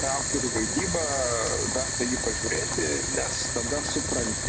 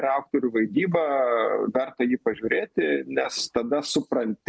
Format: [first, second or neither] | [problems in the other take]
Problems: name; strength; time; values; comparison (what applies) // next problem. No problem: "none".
second | background sound (Boiling); 3 dB above the speech